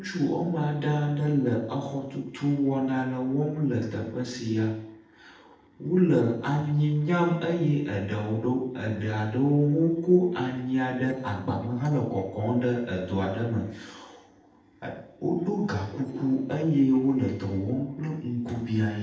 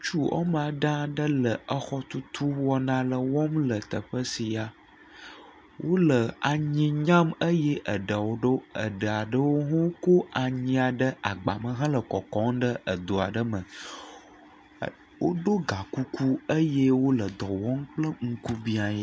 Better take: second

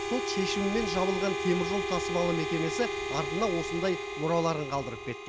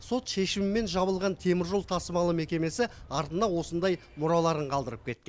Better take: second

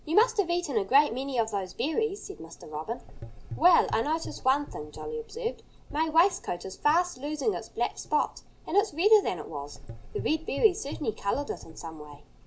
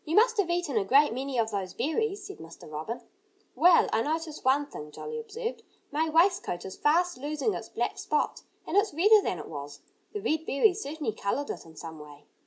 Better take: second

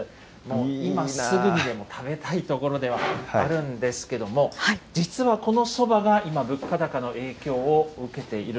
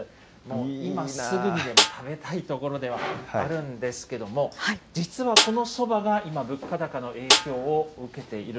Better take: first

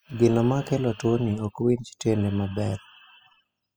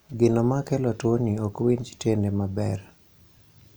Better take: second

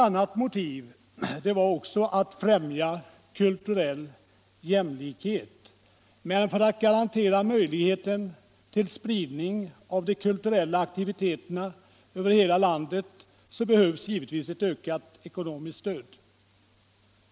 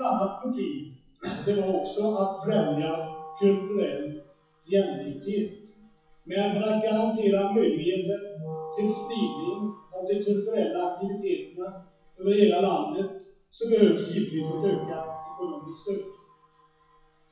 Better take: first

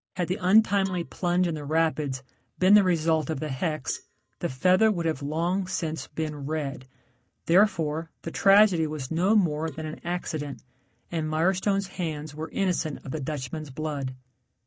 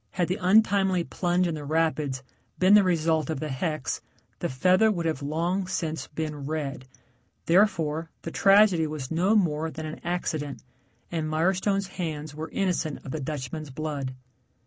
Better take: second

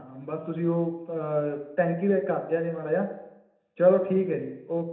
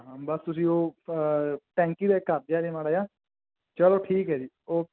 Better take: second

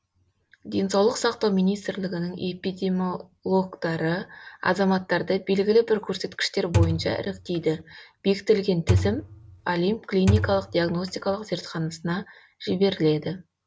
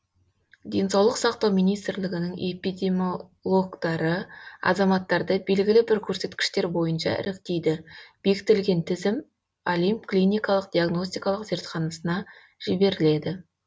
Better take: second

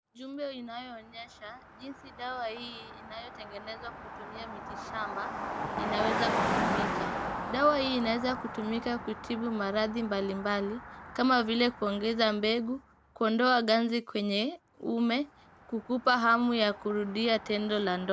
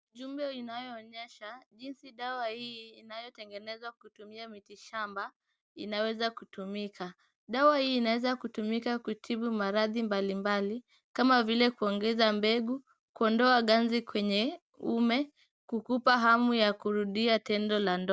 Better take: second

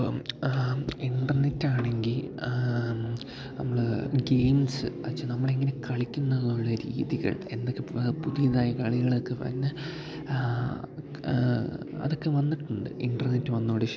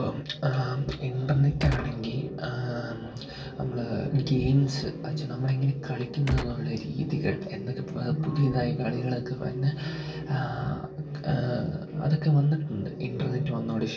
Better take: first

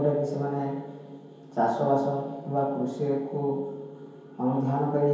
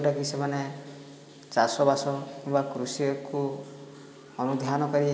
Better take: second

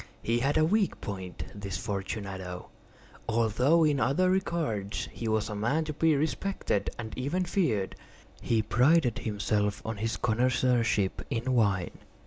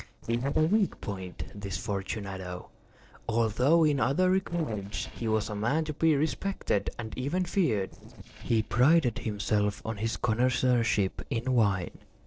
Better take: first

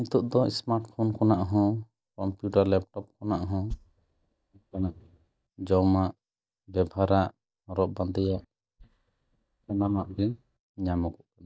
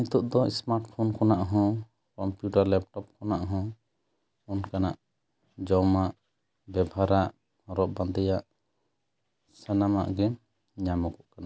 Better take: second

